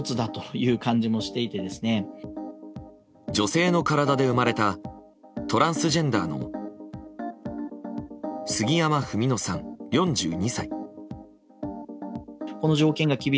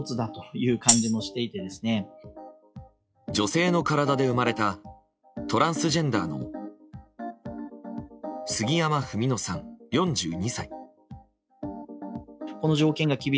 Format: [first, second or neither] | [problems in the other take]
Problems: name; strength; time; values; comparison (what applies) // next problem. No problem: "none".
first | noise reduction (classical method log-MMSE)